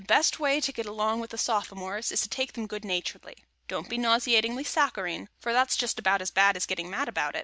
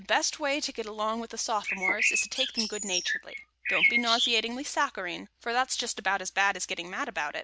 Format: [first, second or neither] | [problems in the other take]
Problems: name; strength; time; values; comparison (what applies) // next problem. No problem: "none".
first | background sound (Bird); 2 dB above the speech